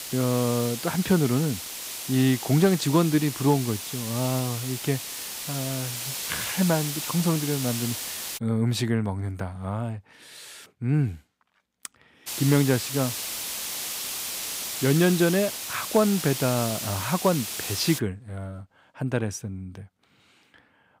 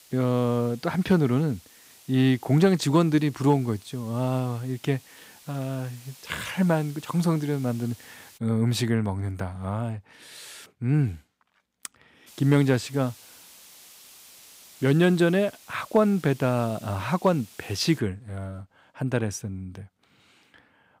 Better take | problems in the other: second | hiss; loud; until 8.5 s and from 12 to 18 s; 5 dB below the speech; faint in the second

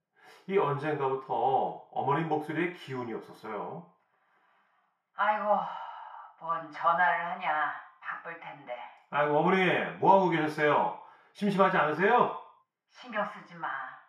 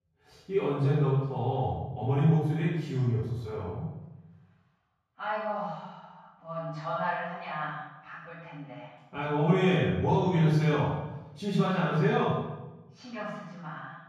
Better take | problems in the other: first | room echo; strong; dies away in 1.4 s; slight in the first // off-mic speech; far; far in the first

